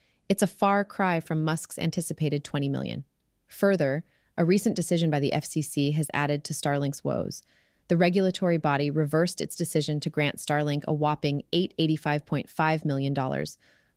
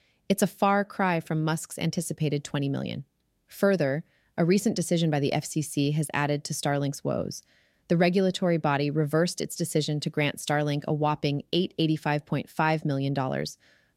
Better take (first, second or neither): second